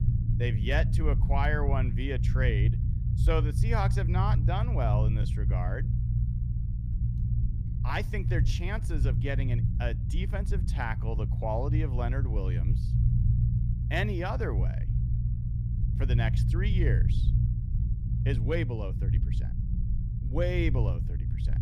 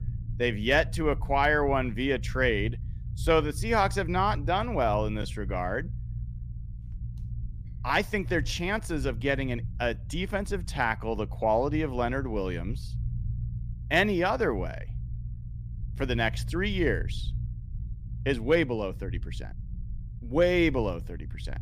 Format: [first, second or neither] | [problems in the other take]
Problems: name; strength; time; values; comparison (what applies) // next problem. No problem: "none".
second | low rumble; loud; throughout; 8 dB below the speech; faint in the second